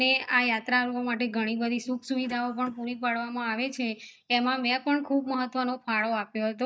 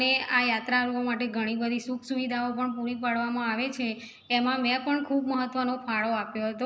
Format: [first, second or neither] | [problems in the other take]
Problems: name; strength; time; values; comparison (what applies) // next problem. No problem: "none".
second | noise reduction (neural mask model DeepFilterNet 3)